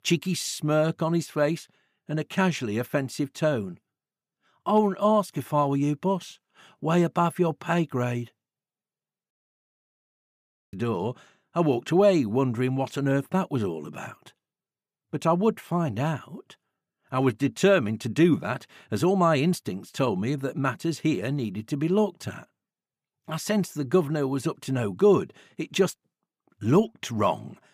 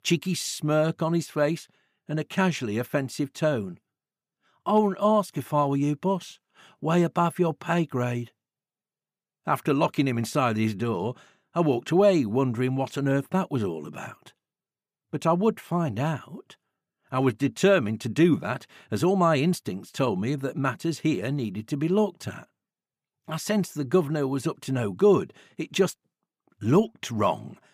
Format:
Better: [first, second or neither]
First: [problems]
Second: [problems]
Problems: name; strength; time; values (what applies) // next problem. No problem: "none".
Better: second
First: audio cutting out; at 9.5 s for 1.5 s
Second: none